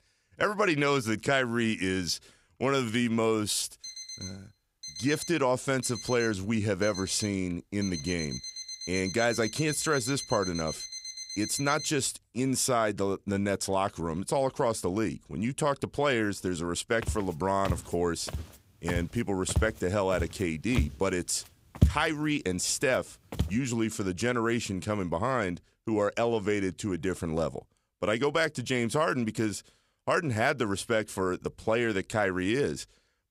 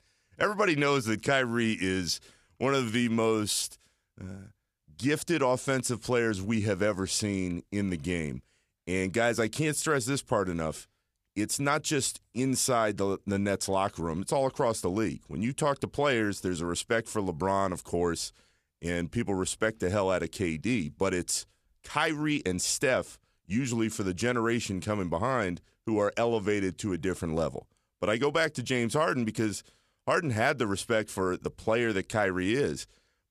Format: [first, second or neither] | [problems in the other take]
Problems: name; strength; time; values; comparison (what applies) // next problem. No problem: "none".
second | alarm; noticeable; from 4 to 12 s; peak 8 dB below the speech // footsteps; loud; from 17 to 23 s; peak 2 dB above the speech